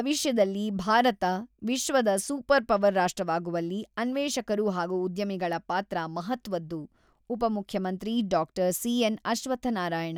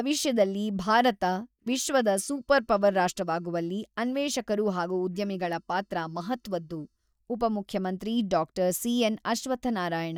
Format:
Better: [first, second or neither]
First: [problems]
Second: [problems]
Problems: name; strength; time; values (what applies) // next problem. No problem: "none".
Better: first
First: none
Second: noise reduction (neural mask model DeepFilterNet 3)